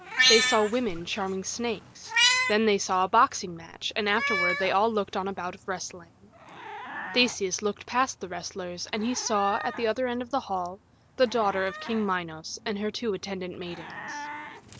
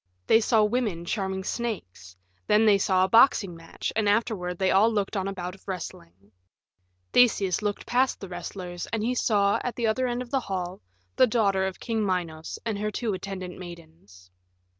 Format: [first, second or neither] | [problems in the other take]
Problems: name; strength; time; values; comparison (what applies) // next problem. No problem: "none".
second | background sound (Meow); 5 dB below the speech